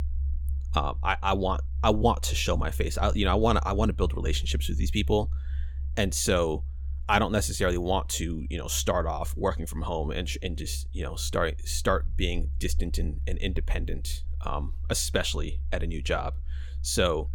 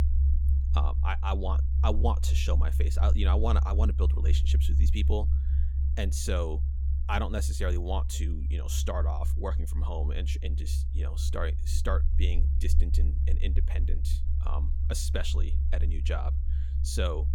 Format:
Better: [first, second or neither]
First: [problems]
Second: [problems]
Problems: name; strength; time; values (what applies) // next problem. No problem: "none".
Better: first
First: low rumble; faint; throughout; 25 dB below the speech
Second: low rumble; loud; throughout; 10 dB below the speech